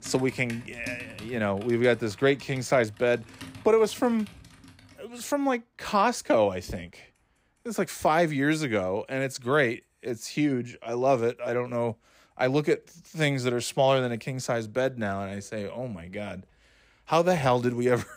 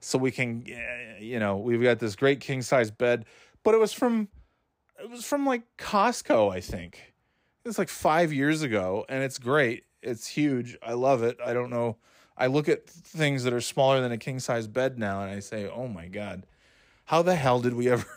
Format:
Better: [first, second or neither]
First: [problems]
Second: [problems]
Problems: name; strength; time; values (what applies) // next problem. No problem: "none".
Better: second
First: household noises; noticeable; throughout; 20 dB below the speech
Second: none